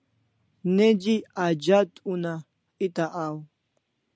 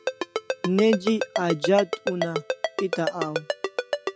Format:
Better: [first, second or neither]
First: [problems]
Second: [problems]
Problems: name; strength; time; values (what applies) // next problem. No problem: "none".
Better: first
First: none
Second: background sound (Ringtone); 3 dB below the speech